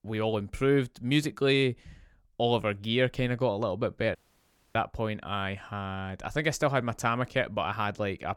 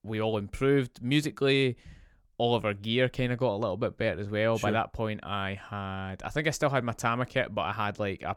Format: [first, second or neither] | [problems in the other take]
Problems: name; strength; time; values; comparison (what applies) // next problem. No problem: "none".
second | audio cutting out; at 4 s for 0.5 s